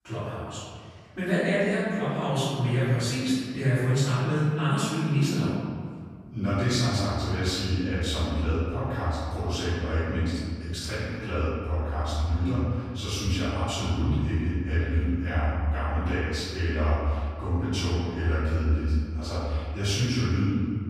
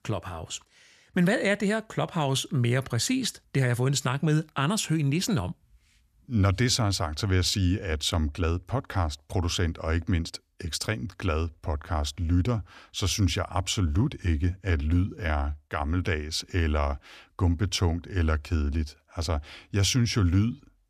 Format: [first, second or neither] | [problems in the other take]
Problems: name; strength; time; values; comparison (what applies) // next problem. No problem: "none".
second | off-mic speech; far // room echo; strong; dies away in 1.9 s